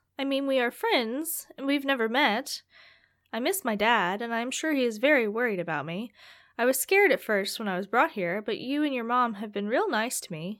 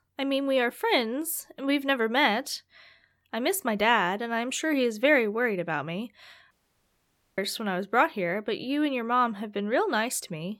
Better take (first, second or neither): first